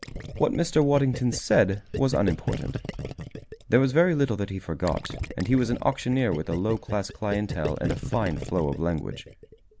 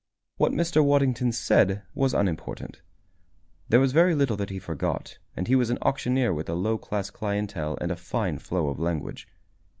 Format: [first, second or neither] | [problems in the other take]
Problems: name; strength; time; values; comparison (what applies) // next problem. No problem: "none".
second | background sound (Gurgling); 10 dB below the speech